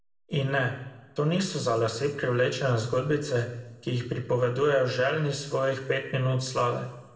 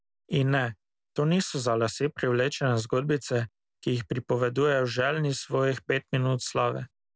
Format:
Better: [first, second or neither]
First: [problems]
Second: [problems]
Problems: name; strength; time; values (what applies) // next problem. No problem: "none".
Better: second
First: room echo; dies away in 0.9 s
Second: none